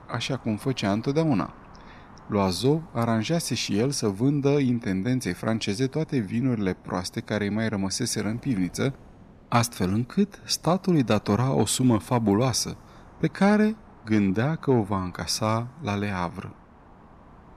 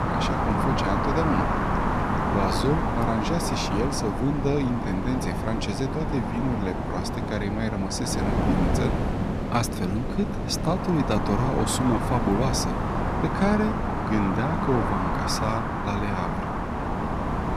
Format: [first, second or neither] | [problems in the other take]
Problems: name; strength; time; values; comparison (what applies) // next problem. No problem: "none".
first | wind noise on the microphone; heavy; 2 dB above the speech; occasional gusts in the first